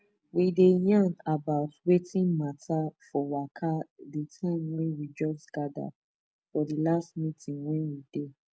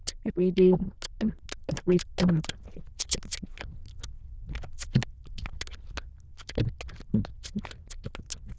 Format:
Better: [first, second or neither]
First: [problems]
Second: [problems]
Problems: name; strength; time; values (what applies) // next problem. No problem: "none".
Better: first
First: none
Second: noise reduction (neural diffusion model UNIVERSE++)